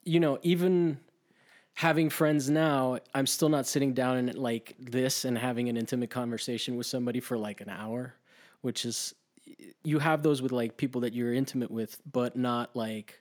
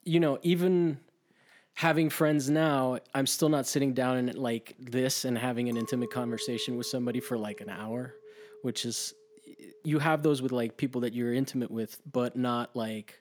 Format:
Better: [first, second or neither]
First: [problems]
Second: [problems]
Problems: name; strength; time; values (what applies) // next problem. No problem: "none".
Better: first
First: none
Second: clattering dishes; faint; from 5.5 to 10 s; peak 10 dB below the speech